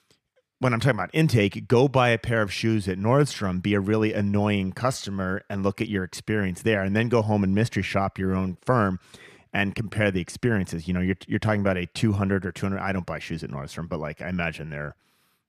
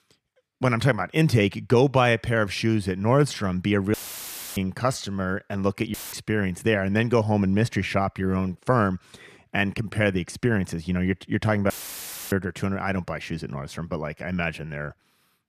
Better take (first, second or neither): first